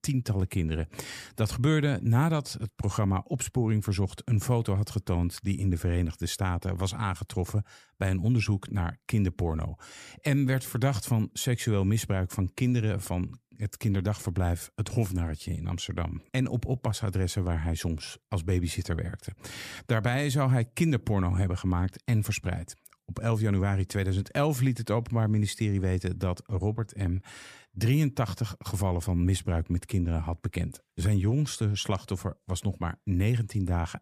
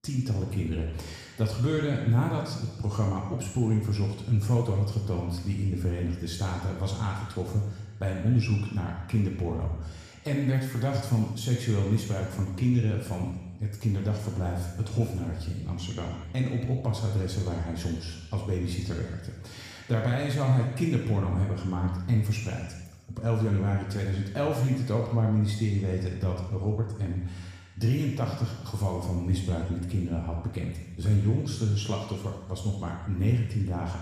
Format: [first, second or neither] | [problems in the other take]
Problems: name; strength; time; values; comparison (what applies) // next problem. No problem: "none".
first | room echo; noticeable; dies away in 1.1 s // off-mic speech; somewhat distant